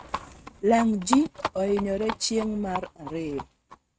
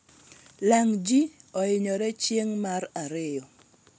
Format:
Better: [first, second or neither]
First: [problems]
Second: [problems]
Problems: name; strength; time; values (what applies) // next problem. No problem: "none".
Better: second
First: noise reduction (neural mask model RNNoise)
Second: none